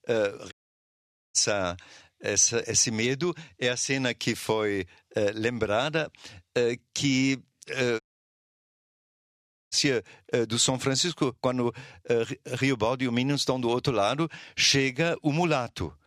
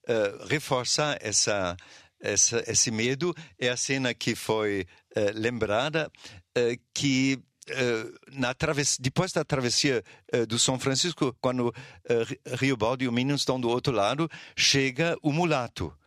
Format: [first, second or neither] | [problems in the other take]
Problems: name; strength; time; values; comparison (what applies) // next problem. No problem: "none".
second | audio cutting out; at 0.5 s for 1 s and at 8 s for 1.5 s